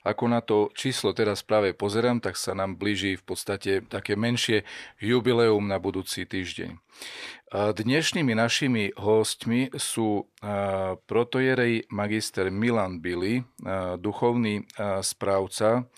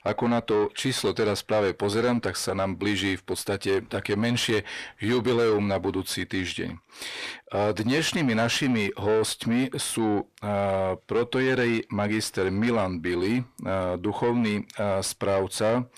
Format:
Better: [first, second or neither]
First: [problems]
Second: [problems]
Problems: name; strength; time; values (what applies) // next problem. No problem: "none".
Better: first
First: none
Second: distortion; slight; 10 dB below the speech